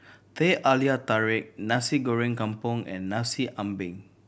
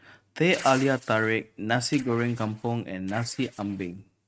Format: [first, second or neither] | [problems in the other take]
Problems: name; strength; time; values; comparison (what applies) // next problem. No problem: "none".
first | noise reduction (neural mask model RNNoise)